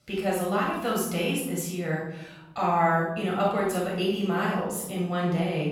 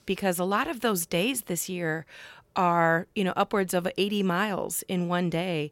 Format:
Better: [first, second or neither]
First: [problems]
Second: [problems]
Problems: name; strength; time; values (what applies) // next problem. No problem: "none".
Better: second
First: off-mic speech; far // room echo; noticeable; dies away in 0.8 s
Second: none